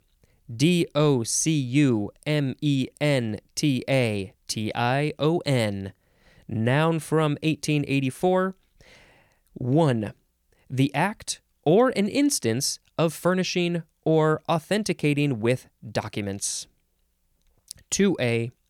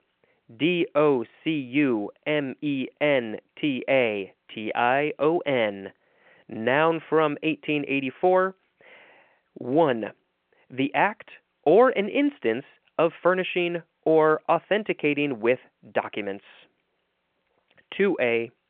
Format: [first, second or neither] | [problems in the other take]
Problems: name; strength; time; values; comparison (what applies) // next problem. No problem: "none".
first | phone-call audio